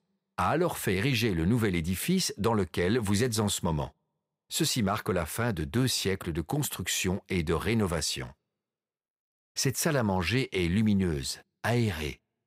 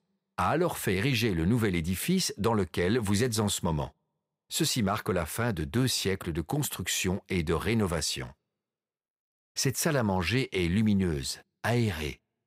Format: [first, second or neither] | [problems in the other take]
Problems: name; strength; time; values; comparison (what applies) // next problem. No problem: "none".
neither | none